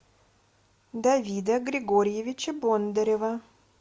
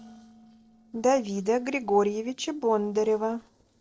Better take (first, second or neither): first